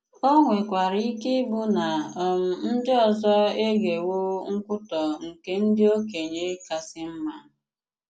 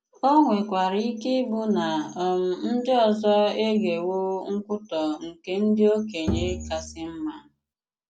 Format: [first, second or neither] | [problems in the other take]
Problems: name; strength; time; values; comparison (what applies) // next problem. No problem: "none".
first | background sound (Bowed string instrument); 8 dB below the speech